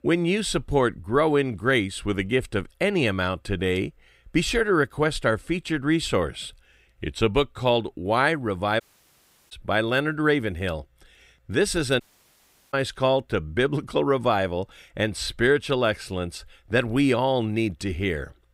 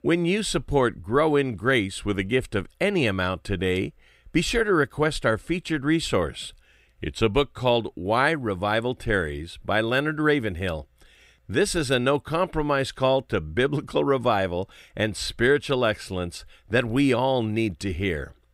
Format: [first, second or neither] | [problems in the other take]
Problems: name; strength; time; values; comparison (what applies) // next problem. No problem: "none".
second | audio cutting out; at 9 s for 0.5 s and at 12 s for 0.5 s